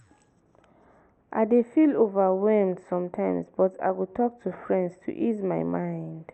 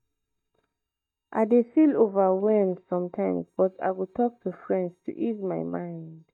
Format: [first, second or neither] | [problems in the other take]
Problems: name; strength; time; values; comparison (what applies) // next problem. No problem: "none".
first | noise reduction (neural mask model DeepFilterNet 3)